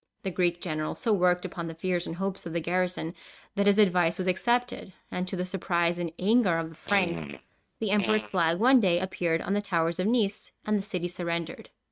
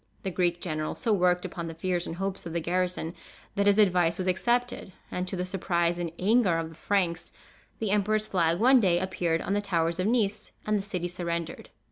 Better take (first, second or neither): second